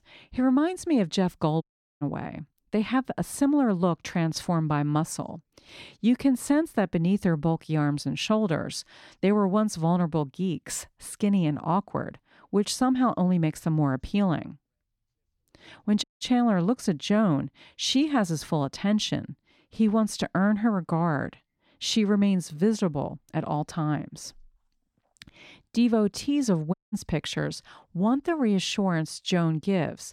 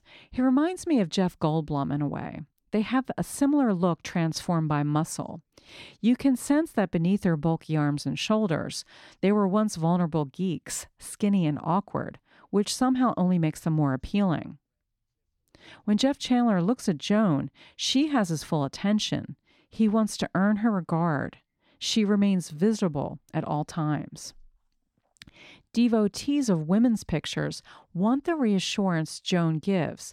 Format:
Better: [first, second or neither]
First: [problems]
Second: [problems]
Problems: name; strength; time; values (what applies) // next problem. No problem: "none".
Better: second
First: audio cutting out; at 1.5 s, at 16 s and at 27 s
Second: none